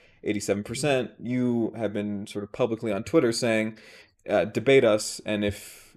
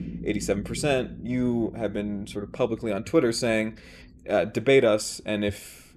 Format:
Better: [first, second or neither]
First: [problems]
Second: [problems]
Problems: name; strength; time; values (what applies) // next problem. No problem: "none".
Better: first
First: none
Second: low rumble; faint; throughout; 25 dB below the speech